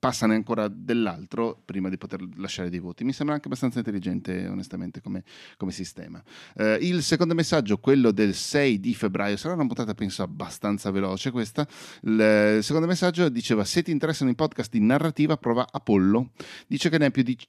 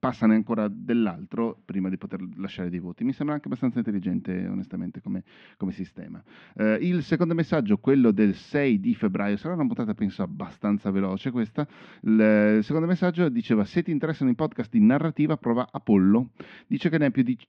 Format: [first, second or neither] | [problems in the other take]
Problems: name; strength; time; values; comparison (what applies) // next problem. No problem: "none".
first | muffled; very; fading above 3 kHz